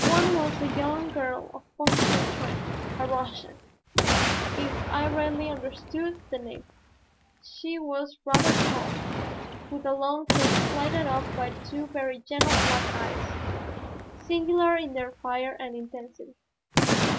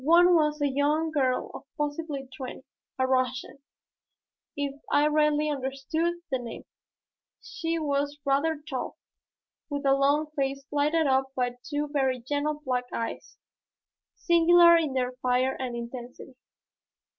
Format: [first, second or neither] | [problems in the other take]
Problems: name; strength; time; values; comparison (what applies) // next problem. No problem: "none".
second | background sound (Boom); 2 dB above the speech